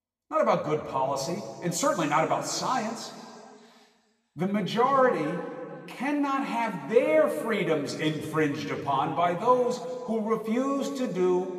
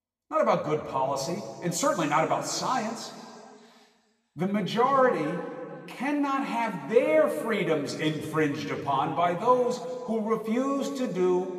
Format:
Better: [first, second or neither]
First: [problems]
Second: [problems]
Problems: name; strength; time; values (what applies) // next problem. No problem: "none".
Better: neither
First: room echo; slight; dies away in 2 s // off-mic speech; somewhat distant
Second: room echo; slight; dies away in 2 s // off-mic speech; somewhat distant